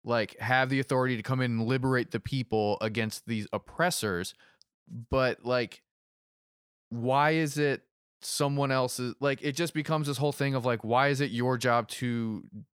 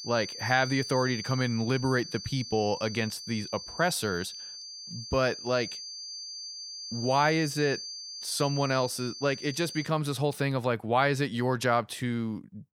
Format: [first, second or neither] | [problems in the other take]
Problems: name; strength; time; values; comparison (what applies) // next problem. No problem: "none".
first | high-pitched whine; loud; until 10 s; 4.5 kHz, 9 dB below the speech